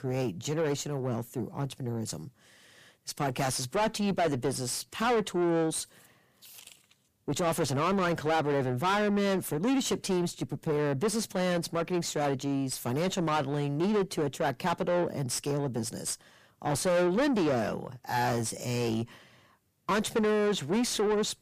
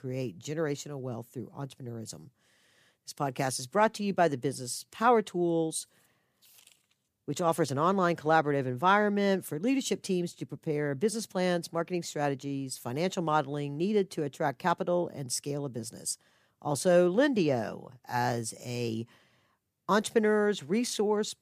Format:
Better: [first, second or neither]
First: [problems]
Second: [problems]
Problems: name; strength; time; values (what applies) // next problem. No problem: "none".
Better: second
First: distortion; heavy; 6 dB below the speech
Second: none